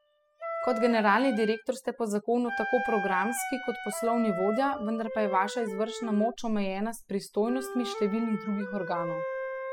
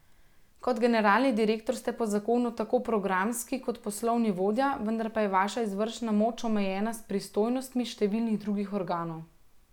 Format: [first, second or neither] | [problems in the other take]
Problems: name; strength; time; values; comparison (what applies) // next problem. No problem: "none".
second | noise reduction (classical method spectral subtraction)